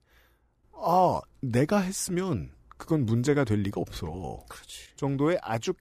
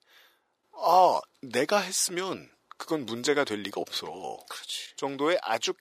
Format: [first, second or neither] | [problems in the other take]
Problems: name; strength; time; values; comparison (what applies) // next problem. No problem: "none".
first | thin; somewhat; fading below 450 Hz